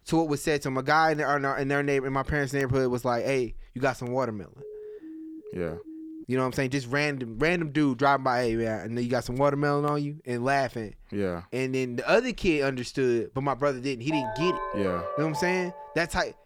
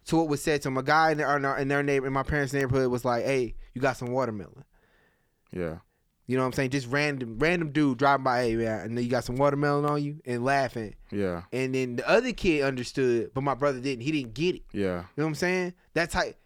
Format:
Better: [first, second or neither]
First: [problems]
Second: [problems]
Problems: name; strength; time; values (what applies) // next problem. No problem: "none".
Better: second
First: siren; faint; from 4.5 to 6.5 s; peak 15 dB below the speech // phone ringing; noticeable; from 14 s on; peak 5 dB below the speech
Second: none